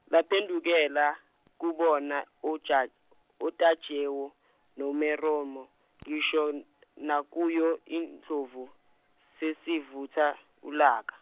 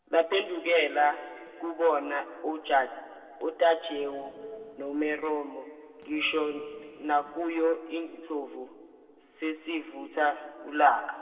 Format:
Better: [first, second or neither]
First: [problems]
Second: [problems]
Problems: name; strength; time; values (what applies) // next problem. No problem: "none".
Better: first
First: none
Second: noise reduction (neural separator model SepFormer DNS4)